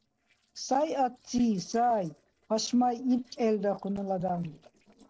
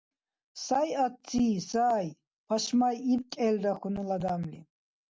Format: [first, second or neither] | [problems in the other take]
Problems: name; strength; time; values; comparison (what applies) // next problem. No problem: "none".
second | noise reduction (neural separator model SepFormer DNS4)